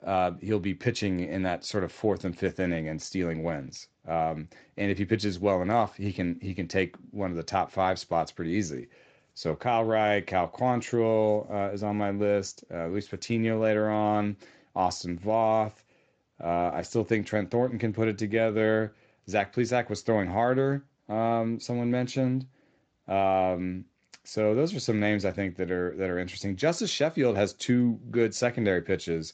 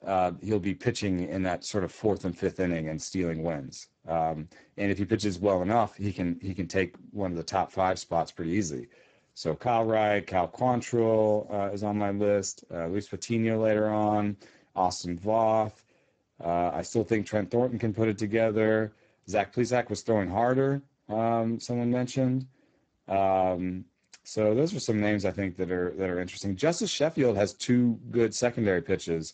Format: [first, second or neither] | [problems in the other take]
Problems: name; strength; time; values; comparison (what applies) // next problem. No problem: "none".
first | garbled, watery; badly; nothing above 7.5 kHz; slightly in the first